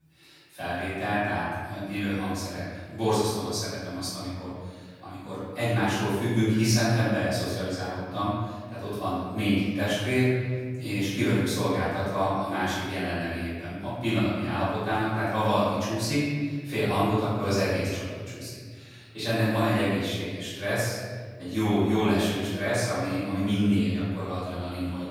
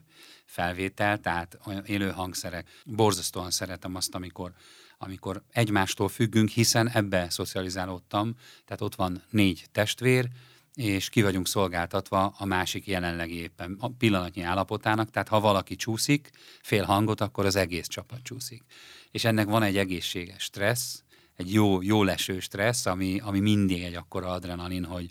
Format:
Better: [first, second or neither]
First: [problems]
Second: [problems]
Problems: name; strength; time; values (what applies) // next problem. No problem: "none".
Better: second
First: room echo; strong; dies away in 1.7 s // off-mic speech; far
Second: none